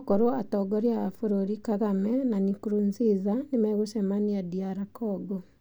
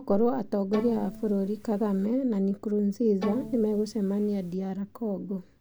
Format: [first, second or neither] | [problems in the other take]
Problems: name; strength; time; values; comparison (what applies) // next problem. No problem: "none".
first | background sound (Bowed string instrument); 12 dB below the speech